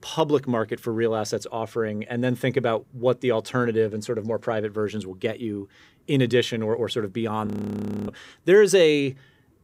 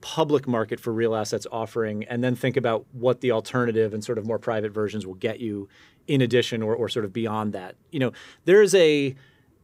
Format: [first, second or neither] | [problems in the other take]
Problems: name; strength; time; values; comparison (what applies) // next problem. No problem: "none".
second | audio freezing; at 7.5 s for 0.5 s